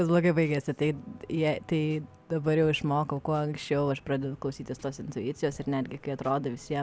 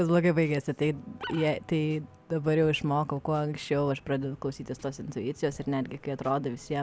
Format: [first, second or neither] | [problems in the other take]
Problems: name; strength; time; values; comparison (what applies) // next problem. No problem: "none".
first | background sound (Animal); 14 dB below the speech